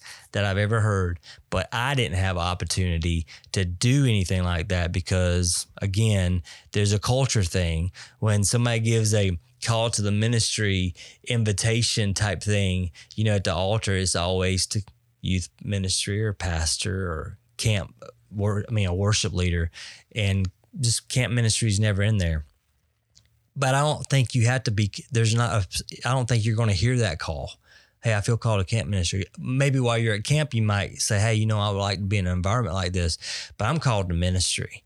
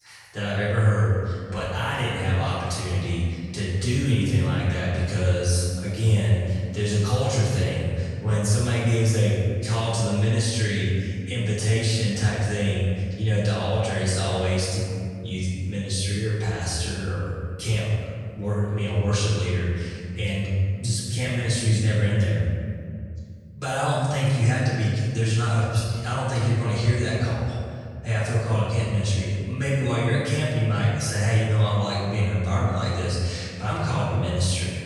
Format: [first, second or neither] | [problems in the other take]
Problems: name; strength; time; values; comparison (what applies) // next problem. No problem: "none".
first | off-mic speech; far // room echo; strong; dies away in 2.1 s